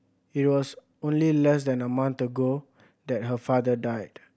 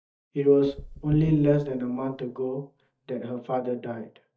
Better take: first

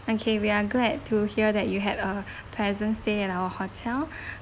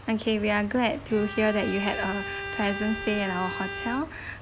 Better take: first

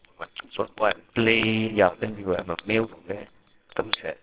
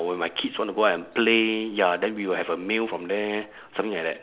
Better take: second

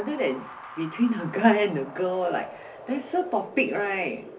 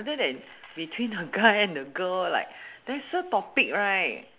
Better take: second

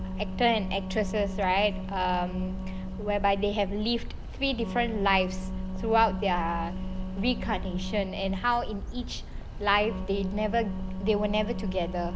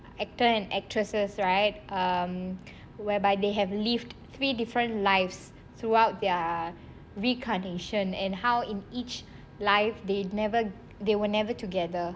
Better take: second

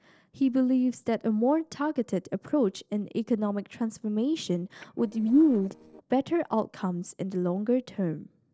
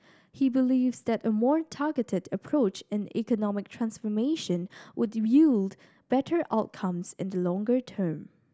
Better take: second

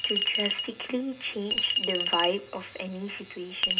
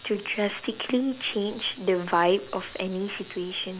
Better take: second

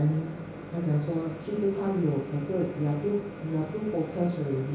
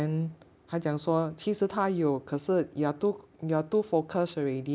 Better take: second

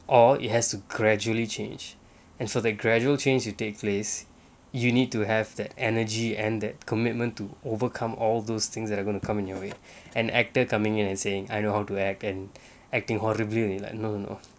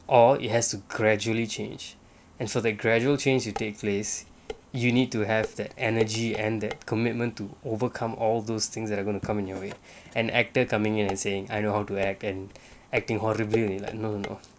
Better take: first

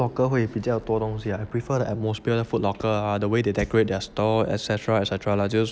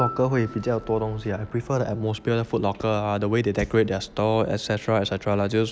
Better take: first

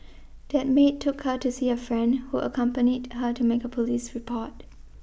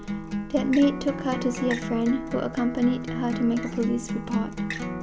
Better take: first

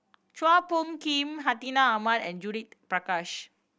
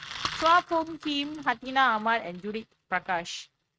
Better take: first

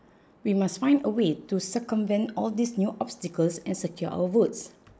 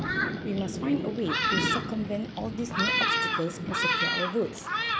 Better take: first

